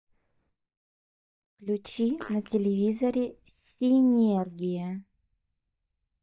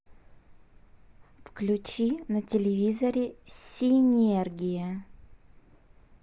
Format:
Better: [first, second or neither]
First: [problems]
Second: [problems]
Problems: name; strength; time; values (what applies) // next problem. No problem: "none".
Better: second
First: noise reduction (neural mask model DeepFilterNet 3)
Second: none